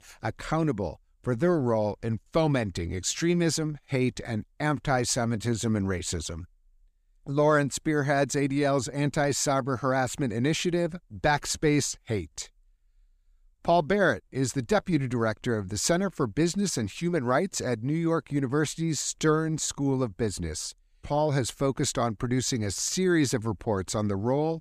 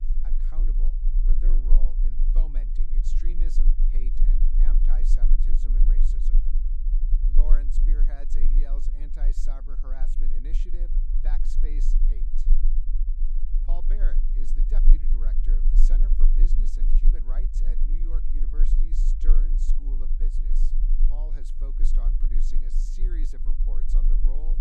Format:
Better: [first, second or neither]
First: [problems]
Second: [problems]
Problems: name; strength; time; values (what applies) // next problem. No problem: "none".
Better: first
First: none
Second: low rumble; loud; throughout; 3 dB below the speech